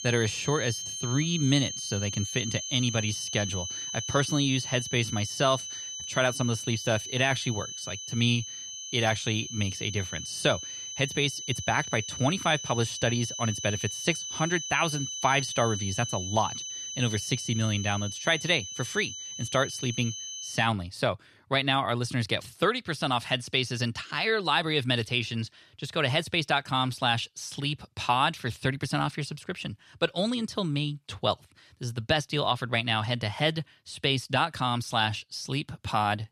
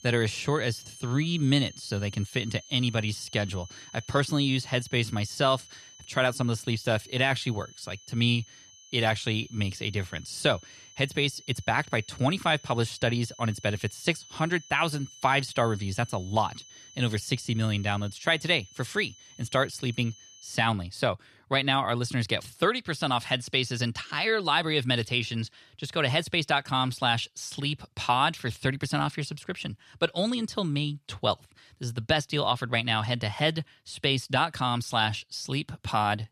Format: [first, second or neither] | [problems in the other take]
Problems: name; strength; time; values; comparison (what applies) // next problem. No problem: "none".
second | high-pitched whine; loud; until 21 s; 6 kHz, 6 dB below the speech; faint in the second